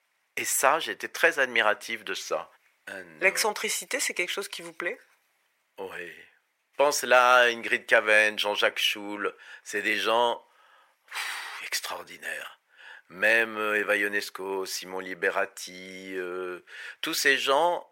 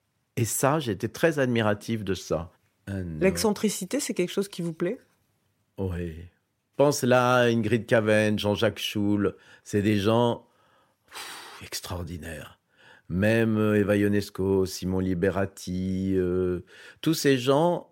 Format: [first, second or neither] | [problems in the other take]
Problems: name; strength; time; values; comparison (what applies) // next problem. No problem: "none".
second | thin; very; fading below 750 Hz